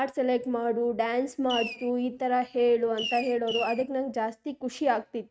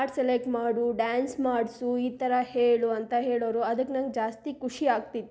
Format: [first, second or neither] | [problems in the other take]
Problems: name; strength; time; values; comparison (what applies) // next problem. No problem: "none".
second | noise reduction (neural mask model RNNoise)